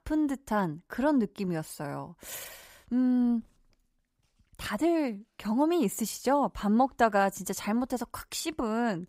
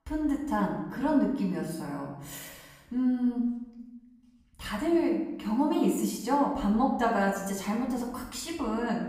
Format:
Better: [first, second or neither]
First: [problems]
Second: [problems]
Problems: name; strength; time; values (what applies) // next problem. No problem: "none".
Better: first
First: none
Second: off-mic speech; far // room echo; noticeable; dies away in 0.9 s